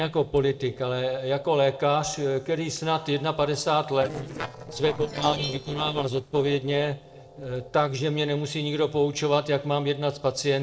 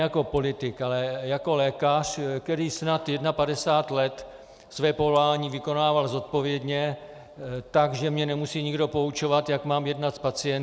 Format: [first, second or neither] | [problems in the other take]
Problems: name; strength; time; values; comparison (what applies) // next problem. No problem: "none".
second | noise reduction (neural separator model SepFormer DNS4)